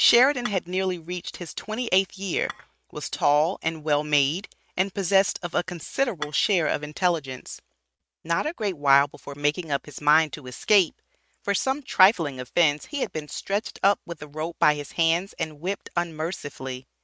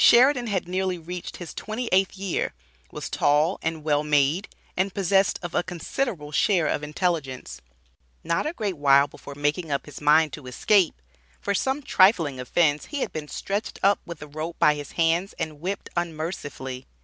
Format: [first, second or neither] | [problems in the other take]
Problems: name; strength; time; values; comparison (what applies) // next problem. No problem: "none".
second | noise reduction (neural mask model RNNoise)